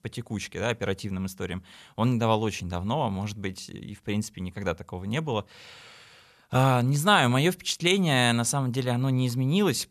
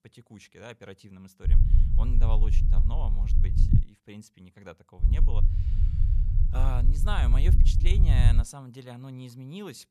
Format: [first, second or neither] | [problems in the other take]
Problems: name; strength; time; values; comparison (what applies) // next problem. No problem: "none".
first | low rumble; loud; from 1.5 to 4 s and from 5 to 8.5 s; 2 dB below the speech